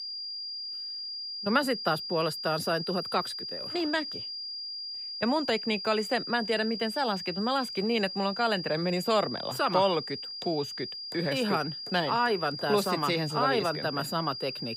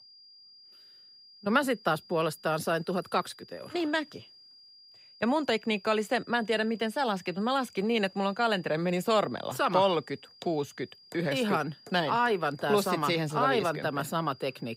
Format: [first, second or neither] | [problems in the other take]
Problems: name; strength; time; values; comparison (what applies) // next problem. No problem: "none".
second | high-pitched whine; loud; throughout; 5 kHz, 6 dB below the speech; faint in the second